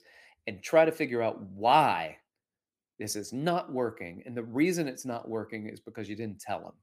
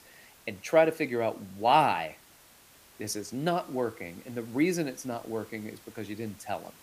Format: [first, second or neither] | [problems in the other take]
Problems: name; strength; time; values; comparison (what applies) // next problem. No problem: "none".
first | hiss; faint; throughout; 25 dB below the speech